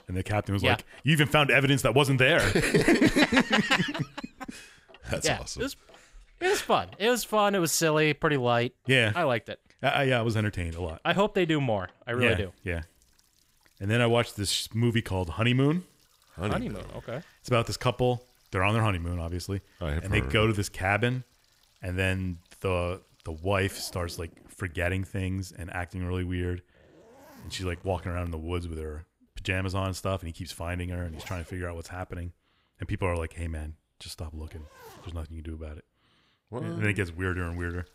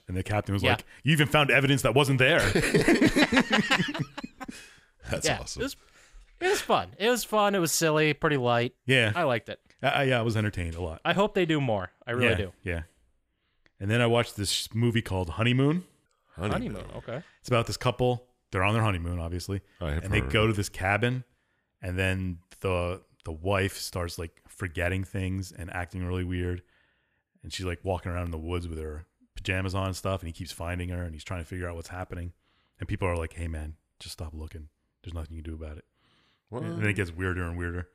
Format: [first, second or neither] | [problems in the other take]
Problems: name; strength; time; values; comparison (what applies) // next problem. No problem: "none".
second | household noises; faint; throughout; 30 dB below the speech